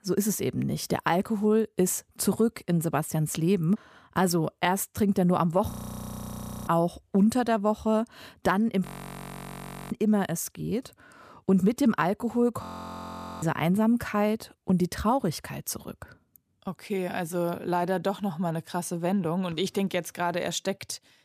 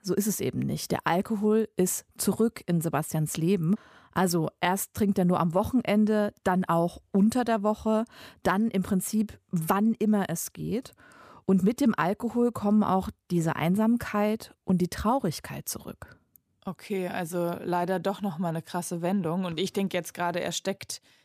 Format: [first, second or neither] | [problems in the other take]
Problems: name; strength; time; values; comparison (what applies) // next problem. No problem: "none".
second | audio freezing; at 5.5 s for 1 s, at 9 s for 1 s and at 13 s for 1 s